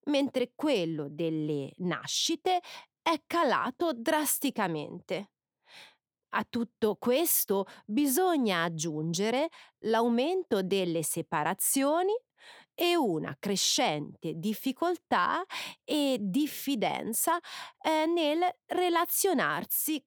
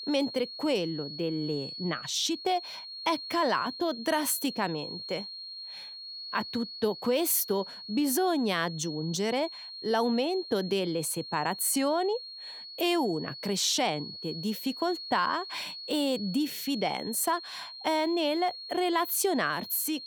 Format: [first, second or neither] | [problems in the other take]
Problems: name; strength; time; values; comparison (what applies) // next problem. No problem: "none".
first | high-pitched whine; loud; throughout; 4.5 kHz, 10 dB below the speech